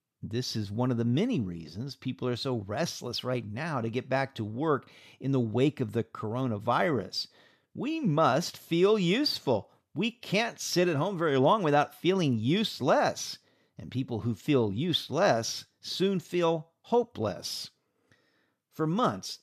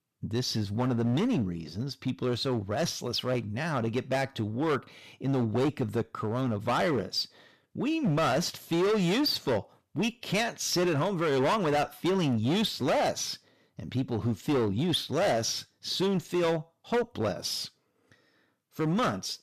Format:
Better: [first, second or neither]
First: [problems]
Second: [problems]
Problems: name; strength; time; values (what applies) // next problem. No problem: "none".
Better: first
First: none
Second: distortion; heavy; 12% of the sound clipped